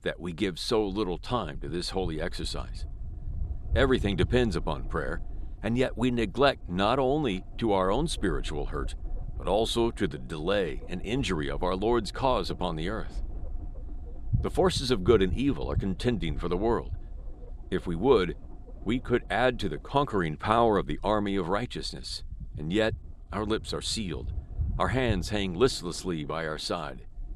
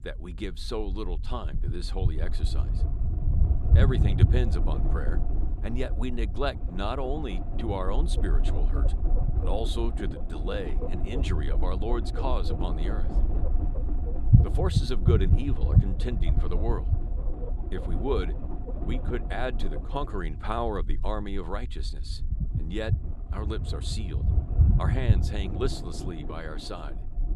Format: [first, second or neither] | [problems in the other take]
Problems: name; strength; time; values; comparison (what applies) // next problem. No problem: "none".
first | low rumble; loud; throughout; 6 dB below the speech; faint in the first